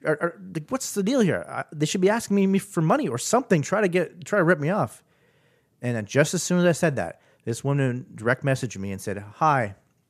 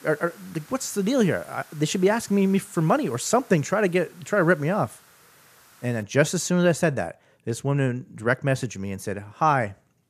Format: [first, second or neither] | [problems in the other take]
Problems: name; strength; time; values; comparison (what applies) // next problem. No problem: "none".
first | hiss; faint; until 6 s; 25 dB below the speech